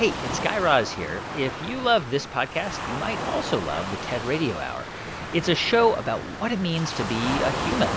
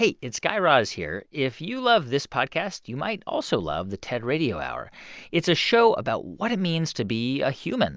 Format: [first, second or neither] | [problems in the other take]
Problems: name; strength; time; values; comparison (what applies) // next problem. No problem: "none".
second | background sound (Waves, surf); 6 dB below the speech